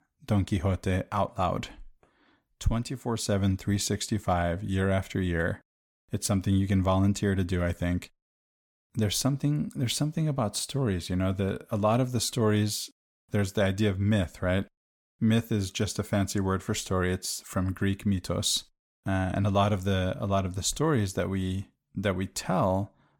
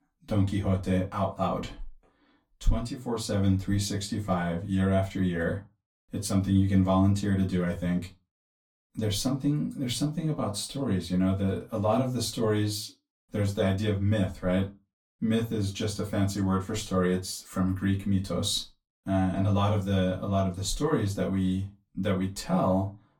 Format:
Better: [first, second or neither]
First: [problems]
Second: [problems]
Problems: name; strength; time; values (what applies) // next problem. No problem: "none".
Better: first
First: none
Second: off-mic speech; far // room echo; very slight; dies away in 0.2 s